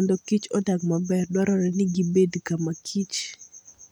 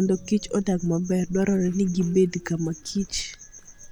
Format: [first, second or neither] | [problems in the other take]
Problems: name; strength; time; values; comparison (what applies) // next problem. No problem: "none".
first | background sound (Dog + Train); 18 dB below the speech